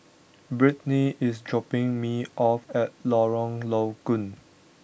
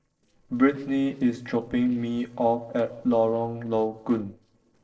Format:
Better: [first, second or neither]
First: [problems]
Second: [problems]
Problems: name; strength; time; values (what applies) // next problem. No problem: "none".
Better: first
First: none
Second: noise reduction (neural separator model SepFormer DNS4)